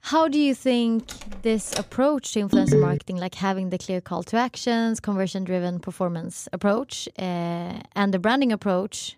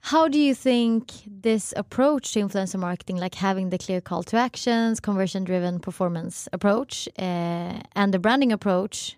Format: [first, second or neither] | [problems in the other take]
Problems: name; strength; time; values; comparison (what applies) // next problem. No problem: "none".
second | door banging; noticeable; at 1 s; peak 7 dB below the speech // phone ringing; loud; at 2.5 s; peak 6 dB above the speech